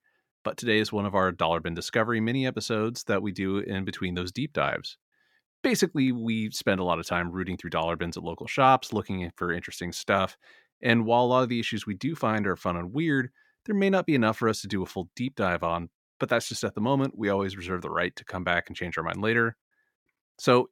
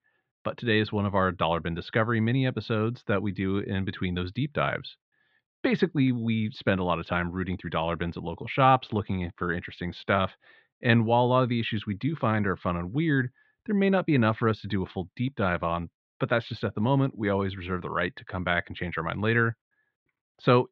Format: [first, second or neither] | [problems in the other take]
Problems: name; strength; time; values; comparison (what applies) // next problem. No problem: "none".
first | muffled; slightly; fading above 3.5 kHz